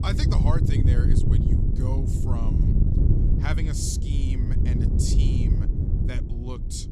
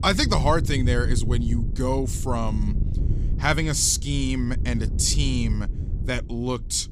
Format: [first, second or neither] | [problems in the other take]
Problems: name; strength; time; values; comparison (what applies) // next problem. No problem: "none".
second | wind noise on the microphone; heavy; as loud as the speech; occasional gusts in the second